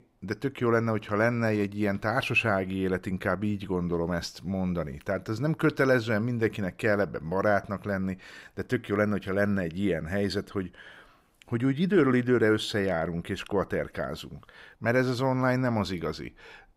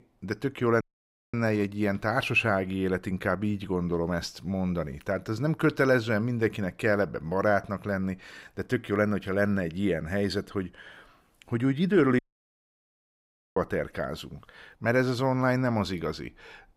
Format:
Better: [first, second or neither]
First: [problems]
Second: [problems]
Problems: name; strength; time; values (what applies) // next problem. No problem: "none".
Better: first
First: none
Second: audio cutting out; at 1 s for 0.5 s and at 12 s for 1.5 s